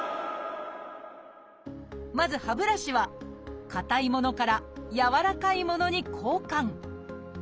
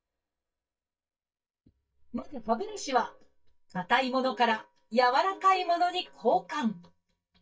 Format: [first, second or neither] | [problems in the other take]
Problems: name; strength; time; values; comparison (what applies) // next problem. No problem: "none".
first | noise reduction (neural mask model DeepFilterNet 3)